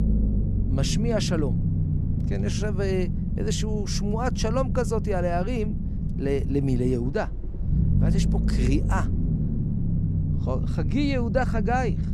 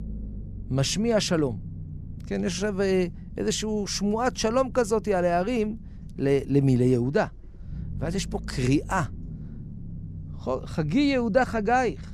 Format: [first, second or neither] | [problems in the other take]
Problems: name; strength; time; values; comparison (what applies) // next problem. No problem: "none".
second | low rumble; loud; throughout; 8 dB below the speech; faint in the second